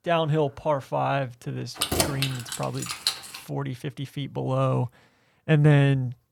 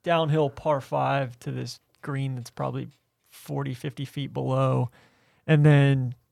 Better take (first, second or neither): second